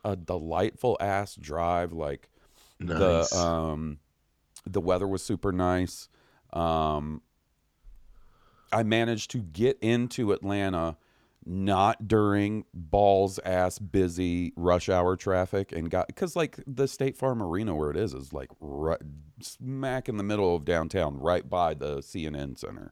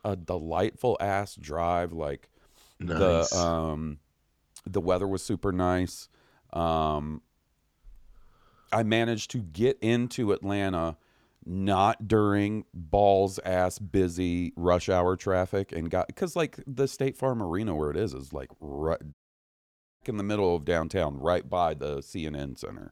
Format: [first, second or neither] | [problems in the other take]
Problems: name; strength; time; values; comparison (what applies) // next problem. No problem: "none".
first | audio cutting out; at 19 s for 1 s